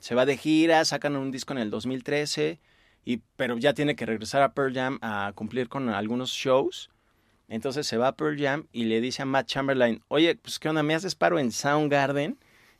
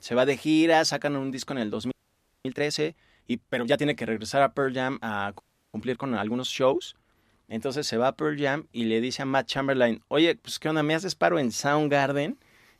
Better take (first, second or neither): first